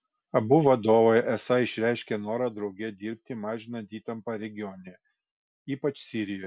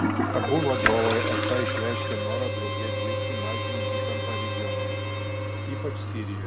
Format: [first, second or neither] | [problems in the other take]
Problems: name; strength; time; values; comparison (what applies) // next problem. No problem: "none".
first | background sound (Toilet flush + Harmonica); 4 dB above the speech